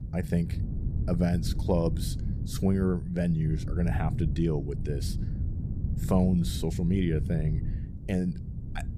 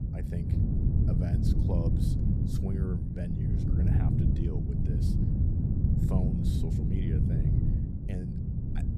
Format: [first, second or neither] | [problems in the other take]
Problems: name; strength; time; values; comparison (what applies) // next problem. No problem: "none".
first | wind noise on the microphone; heavy; 4 dB above the speech; occasional gusts in the first